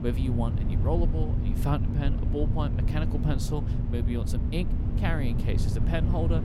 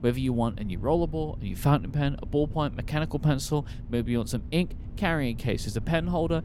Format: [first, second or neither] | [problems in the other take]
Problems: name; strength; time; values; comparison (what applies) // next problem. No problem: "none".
second | low rumble; loud; throughout; 4 dB below the speech; faint in the second